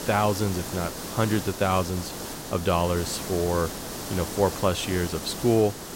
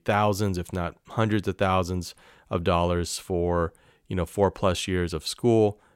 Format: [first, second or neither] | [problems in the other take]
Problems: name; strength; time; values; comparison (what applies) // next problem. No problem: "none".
second | hiss; loud; throughout; 8 dB below the speech